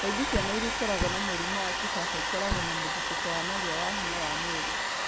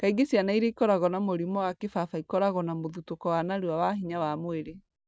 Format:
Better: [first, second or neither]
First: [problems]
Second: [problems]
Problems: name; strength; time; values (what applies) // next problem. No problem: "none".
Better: second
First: background sound (Domestic sounds, home sounds + Slam); 5 dB above the speech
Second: none